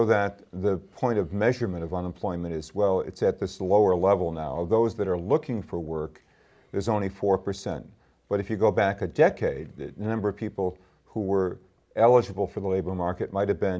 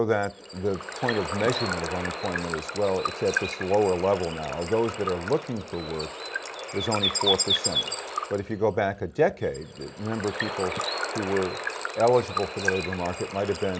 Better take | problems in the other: first | background sound (Water / Bird); 4 dB below the speech

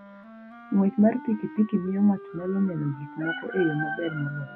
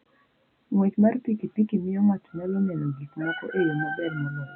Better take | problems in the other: second | background sound (Wind instrument, woodwind instrument); 18 dB below the speech

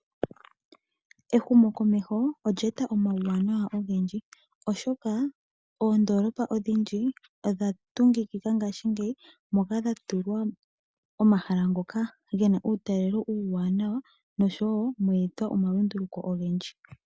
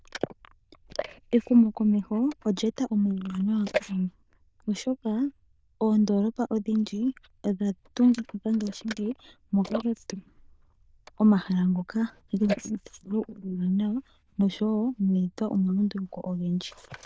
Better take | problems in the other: first | noise reduction (neural diffusion model UNIVERSE++)

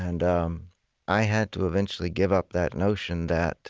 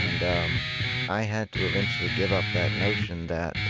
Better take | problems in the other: first | background sound (Guitar); 1 dB above the speech

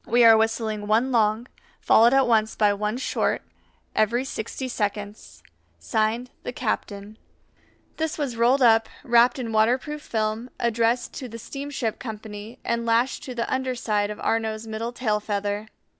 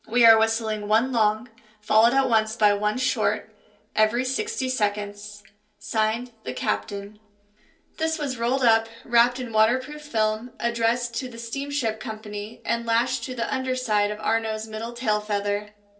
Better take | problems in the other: first | room echo; dies away in 0.3 s

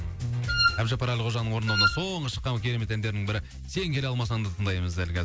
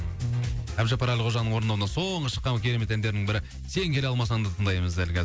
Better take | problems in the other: second | background sound (Wind instrument, woodwind instrument); 2 dB above the speech

